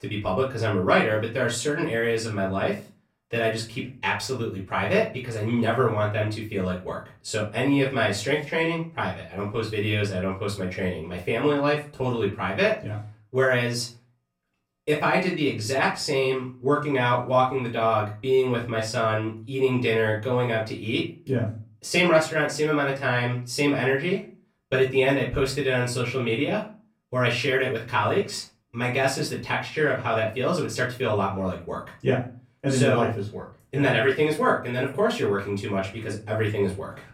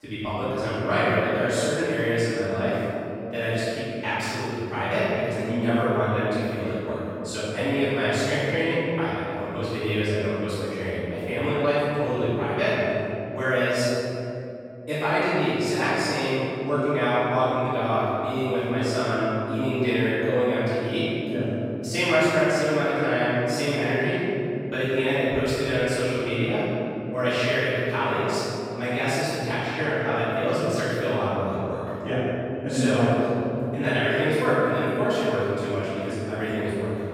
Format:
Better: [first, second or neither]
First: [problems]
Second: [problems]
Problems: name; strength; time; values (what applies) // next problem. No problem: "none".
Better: first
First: room echo; slight; dies away in 0.3 s // off-mic speech; far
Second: room echo; strong; dies away in 3 s // off-mic speech; far